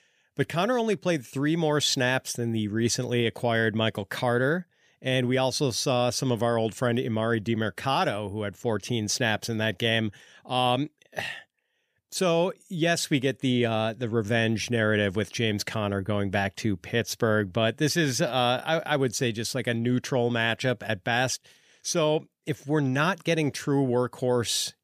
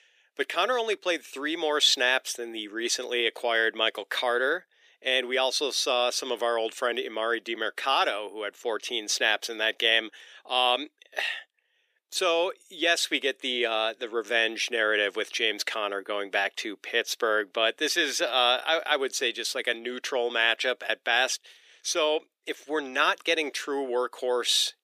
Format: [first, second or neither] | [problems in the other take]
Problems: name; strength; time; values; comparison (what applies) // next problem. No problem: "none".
first | thin; very; fading below 350 Hz